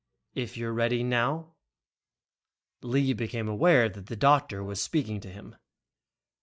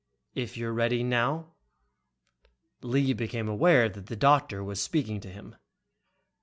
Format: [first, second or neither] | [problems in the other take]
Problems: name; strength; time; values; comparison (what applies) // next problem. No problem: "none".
second | noise reduction (neural mask model Resemble Enhance denoiser)